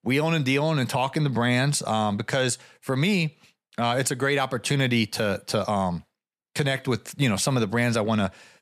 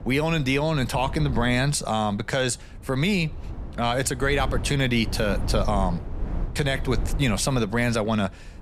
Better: first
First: none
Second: wind noise on the microphone; occasional gusts; 15 dB below the speech

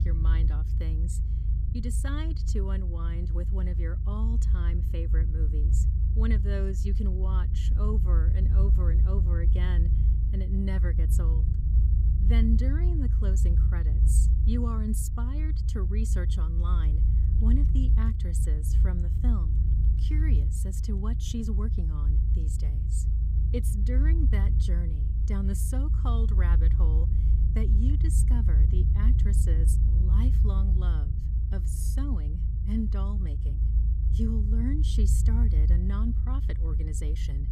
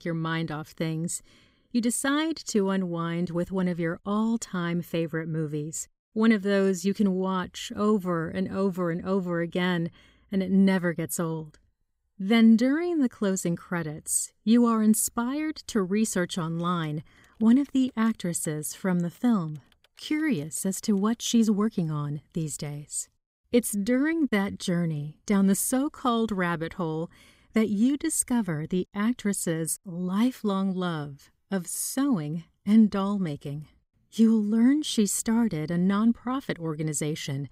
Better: second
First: low rumble; loud; throughout; 3 dB below the speech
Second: none

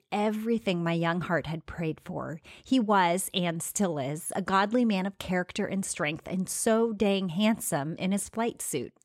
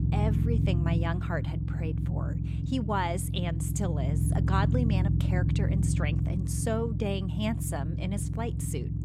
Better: first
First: none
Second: low rumble; loud; throughout; 5 dB below the speech

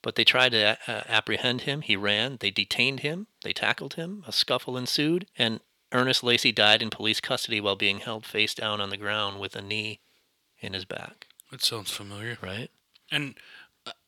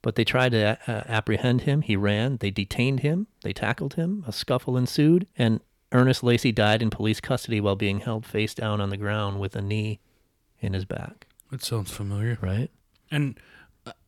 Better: second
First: thin; somewhat; fading below 600 Hz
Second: none

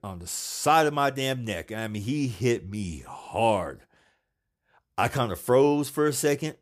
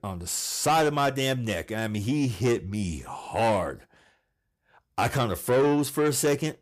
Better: first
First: none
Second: distortion; slight; 10 dB below the speech

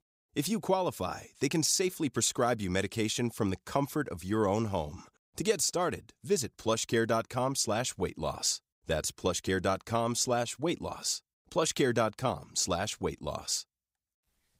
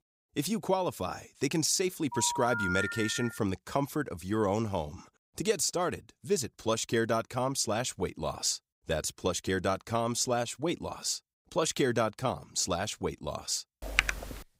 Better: first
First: none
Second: phone ringing; noticeable; from 2 to 3.5 s; peak 1 dB below the speech // keyboard typing; loud; at 14 s; peak 2 dB above the speech

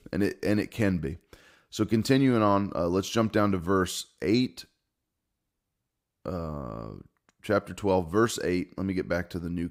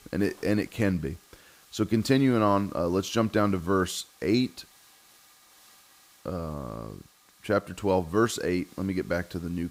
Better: first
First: none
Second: hiss; faint; throughout; 25 dB below the speech

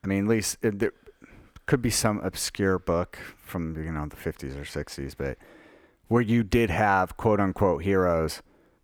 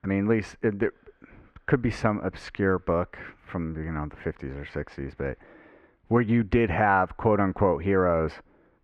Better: first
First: none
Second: muffled; very; fading above 2 kHz

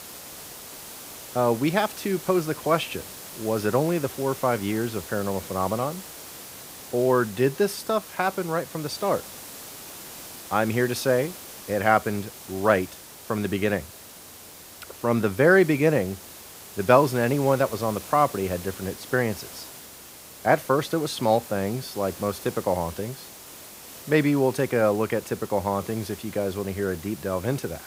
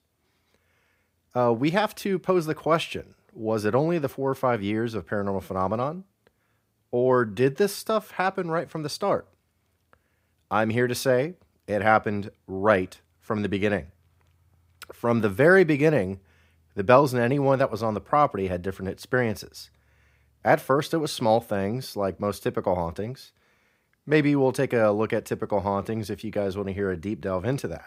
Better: second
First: hiss; noticeable; throughout; 15 dB below the speech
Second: none

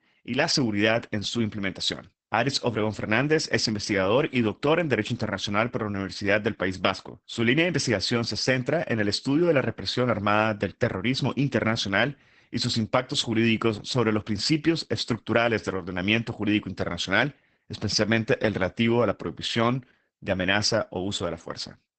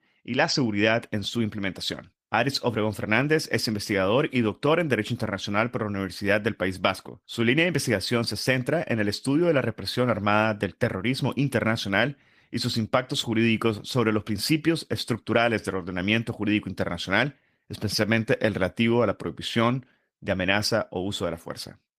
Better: second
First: garbled, watery; badly; nothing above 8 kHz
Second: garbled, watery; slightly; nothing above 15 kHz

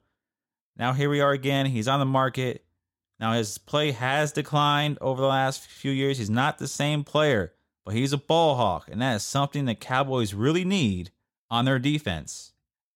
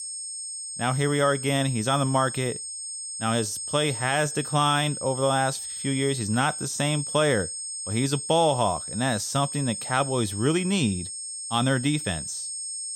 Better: first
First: none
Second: high-pitched whine; loud; throughout; 8.5 kHz, 6 dB below the speech

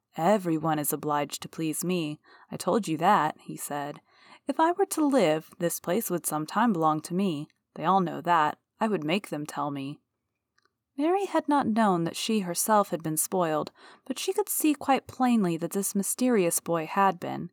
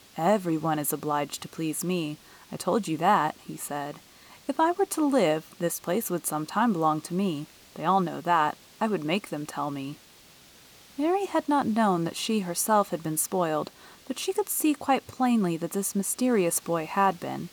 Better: first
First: none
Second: hiss; faint; throughout; 25 dB below the speech

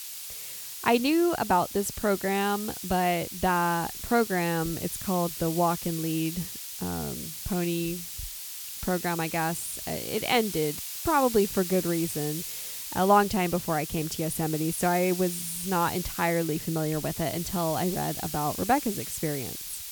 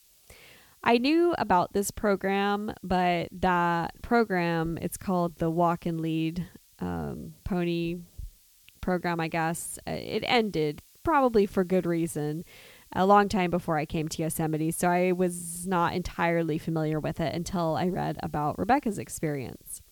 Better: second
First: hiss; loud; throughout; 7 dB below the speech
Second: hiss; faint; throughout; 30 dB below the speech

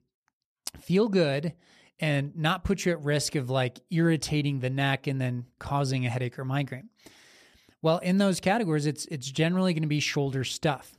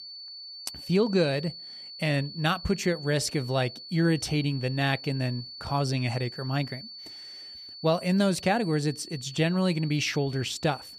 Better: first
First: none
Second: high-pitched whine; noticeable; throughout; 4.5 kHz, 15 dB below the speech

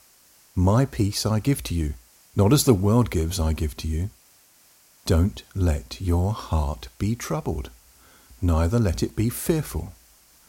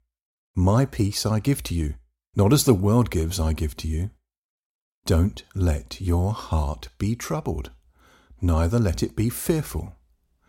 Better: second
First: hiss; faint; throughout; 30 dB below the speech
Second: none

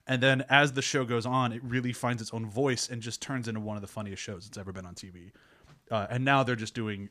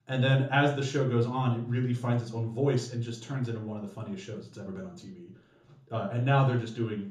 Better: first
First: none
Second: room echo; noticeable; dies away in 0.6 s // off-mic speech; far

